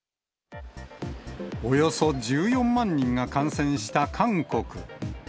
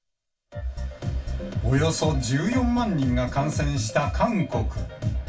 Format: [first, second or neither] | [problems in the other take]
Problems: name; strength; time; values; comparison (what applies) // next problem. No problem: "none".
first | room echo; dies away in 0.2 s